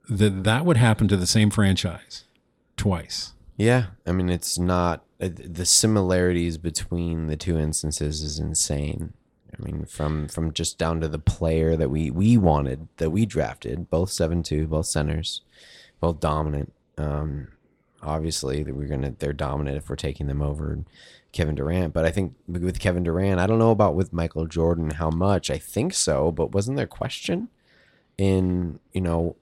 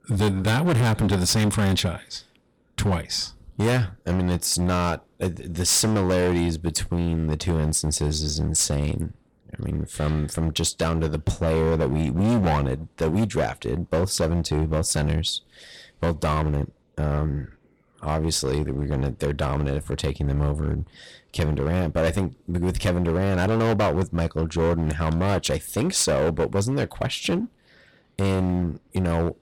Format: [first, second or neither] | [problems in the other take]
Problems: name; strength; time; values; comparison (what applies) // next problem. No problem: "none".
first | distortion; heavy; 13% of the sound clipped